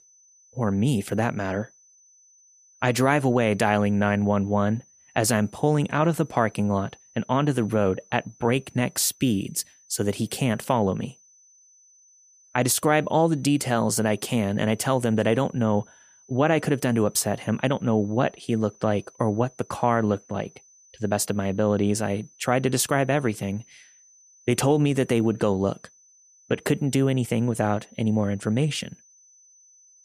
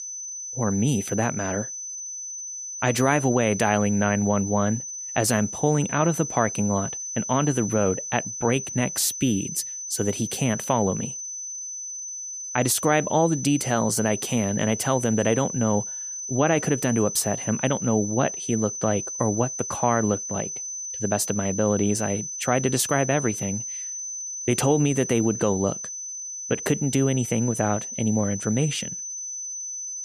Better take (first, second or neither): first